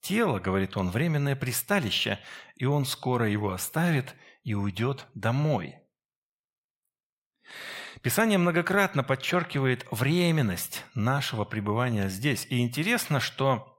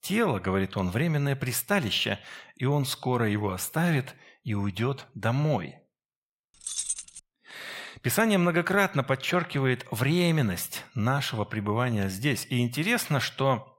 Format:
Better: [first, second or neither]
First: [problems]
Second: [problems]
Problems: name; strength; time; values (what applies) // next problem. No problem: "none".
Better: first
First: none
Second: jangling keys; noticeable; at 6.5 s; peak 3 dB below the speech